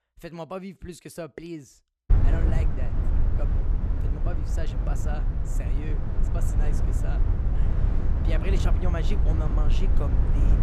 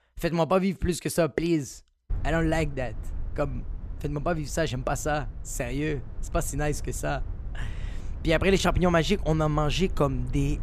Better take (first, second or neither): second